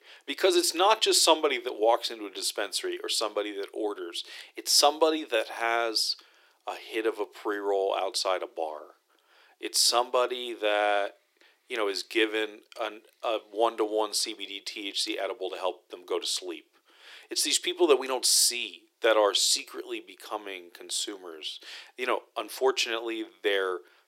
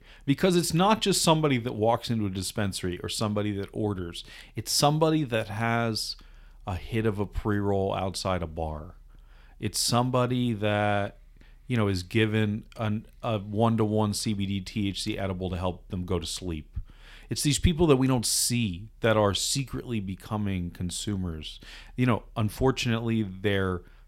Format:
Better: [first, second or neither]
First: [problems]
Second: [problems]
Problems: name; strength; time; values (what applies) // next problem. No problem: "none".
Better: second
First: thin; very; fading below 350 Hz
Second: none